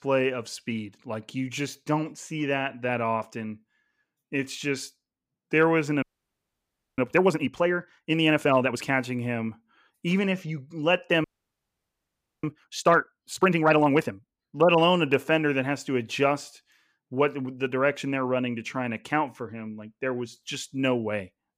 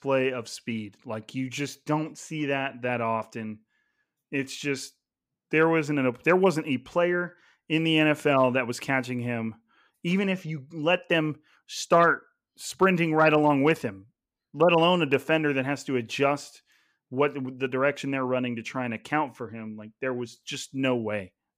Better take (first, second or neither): second